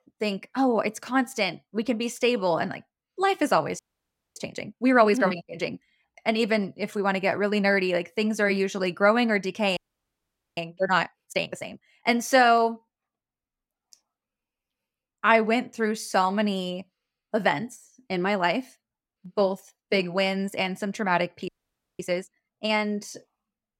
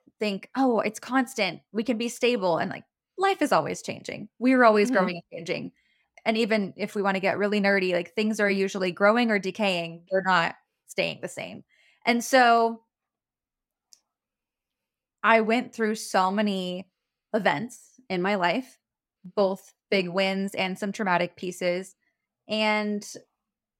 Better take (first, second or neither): second